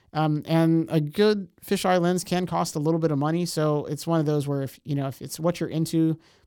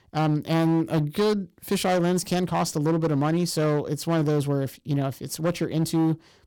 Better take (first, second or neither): first